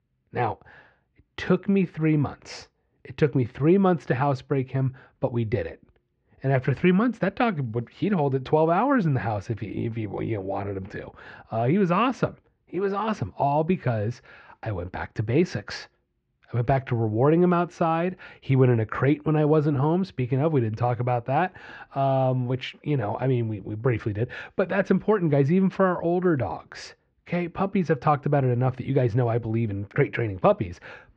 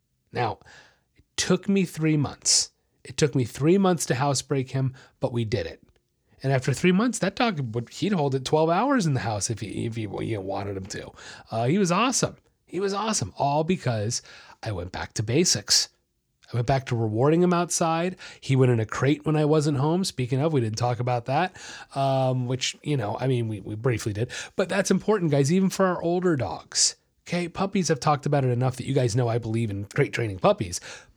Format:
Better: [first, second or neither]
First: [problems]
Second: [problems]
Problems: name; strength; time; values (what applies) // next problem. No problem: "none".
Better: second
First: muffled; very; fading above 2.5 kHz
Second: none